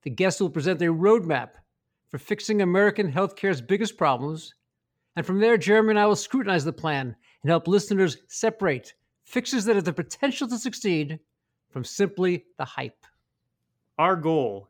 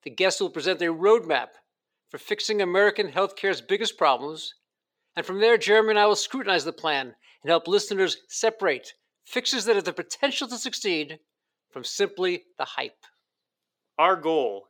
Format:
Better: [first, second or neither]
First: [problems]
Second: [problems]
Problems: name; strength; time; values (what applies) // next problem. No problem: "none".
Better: first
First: none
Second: thin; somewhat; fading below 450 Hz